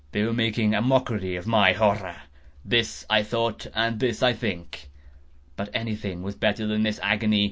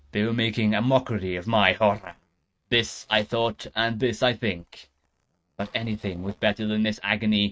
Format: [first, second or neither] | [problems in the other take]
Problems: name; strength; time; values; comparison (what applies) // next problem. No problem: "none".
first | noise reduction (neural mask model RNNoise)